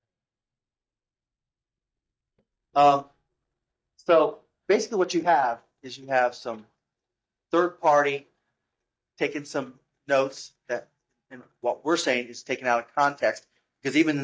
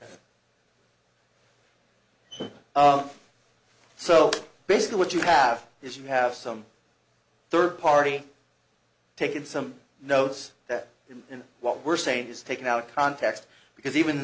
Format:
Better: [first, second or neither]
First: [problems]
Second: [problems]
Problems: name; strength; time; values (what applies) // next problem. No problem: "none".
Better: second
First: noise reduction (neural mask model DeepFilterNet 3)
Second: none